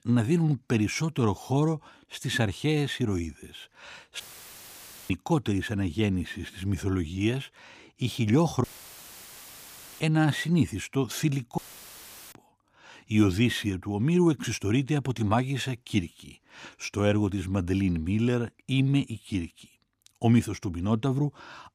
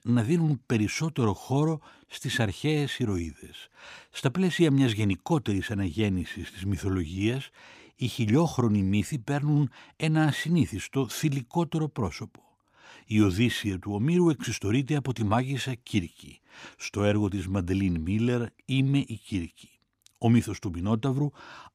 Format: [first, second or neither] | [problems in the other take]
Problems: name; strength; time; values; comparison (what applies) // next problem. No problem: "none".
second | audio cutting out; filled with static; at 4 s for 1 s, at 8.5 s for 1.5 s and at 12 s for 0.5 s